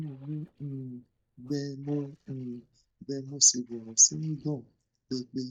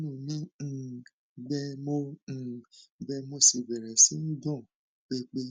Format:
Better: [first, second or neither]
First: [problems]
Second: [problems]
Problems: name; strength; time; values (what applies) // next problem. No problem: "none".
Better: second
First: noise reduction (neural mask model DeepFilterNet 3)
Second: none